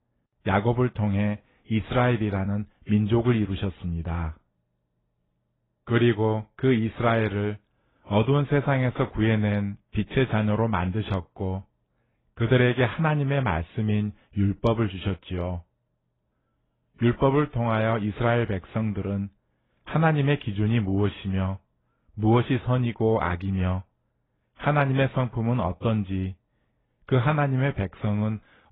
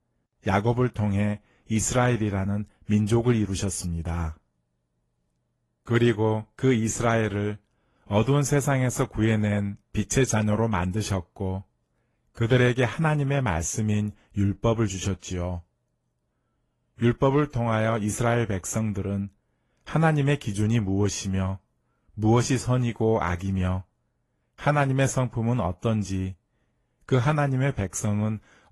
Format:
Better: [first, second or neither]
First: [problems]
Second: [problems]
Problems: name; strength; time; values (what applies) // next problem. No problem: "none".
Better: second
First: garbled, watery; badly; nothing above 3.5 kHz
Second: garbled, watery; slightly; nothing above 11.5 kHz